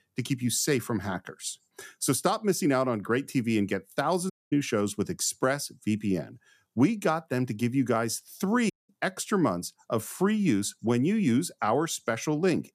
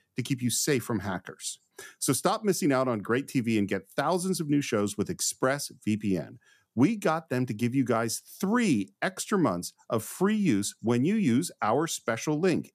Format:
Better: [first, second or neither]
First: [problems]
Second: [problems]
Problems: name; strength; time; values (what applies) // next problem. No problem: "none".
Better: second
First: audio cutting out; at 4.5 s and at 8.5 s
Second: none